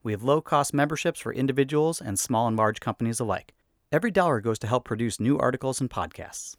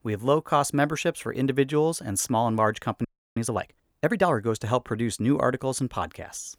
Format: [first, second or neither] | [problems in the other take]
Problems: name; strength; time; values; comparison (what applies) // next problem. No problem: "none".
first | audio freezing; at 3 s